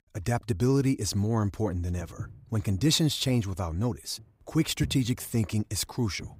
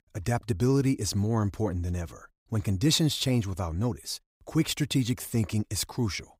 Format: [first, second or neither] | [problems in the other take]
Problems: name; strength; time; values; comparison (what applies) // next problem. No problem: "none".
second | footsteps; noticeable; from 2 s on; peak 8 dB below the speech